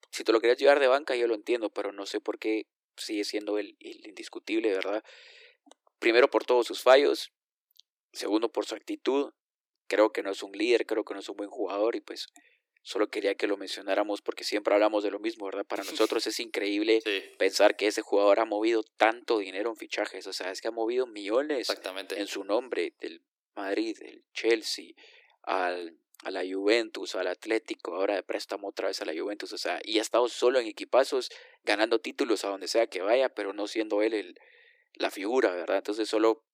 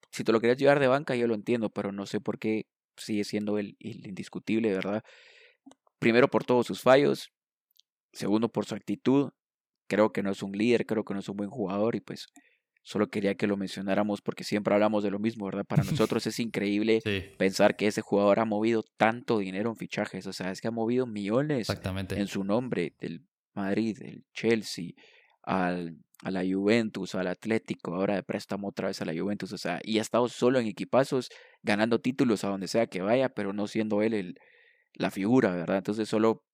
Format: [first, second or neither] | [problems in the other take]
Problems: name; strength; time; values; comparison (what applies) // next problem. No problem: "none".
second | thin; very; fading below 300 Hz